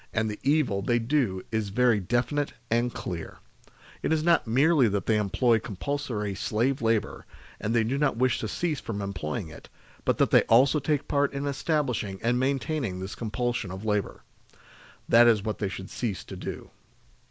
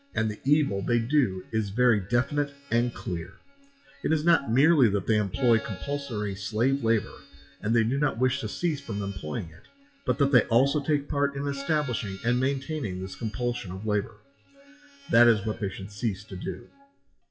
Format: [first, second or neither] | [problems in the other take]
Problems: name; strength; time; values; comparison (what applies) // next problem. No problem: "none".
first | noise reduction (classical method WPE with log-MMSE)